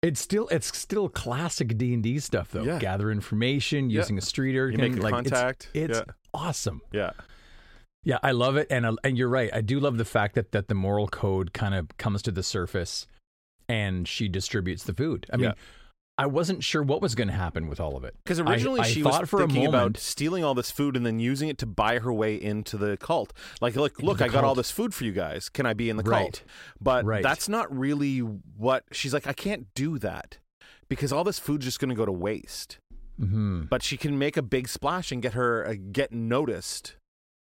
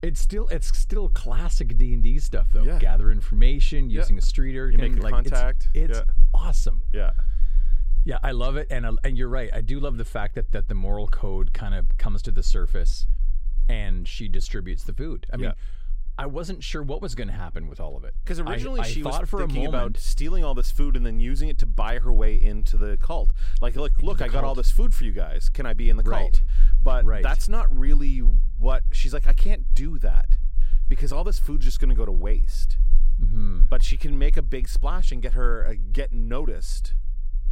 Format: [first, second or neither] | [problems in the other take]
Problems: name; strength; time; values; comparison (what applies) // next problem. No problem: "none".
first | low rumble; faint; throughout; 20 dB below the speech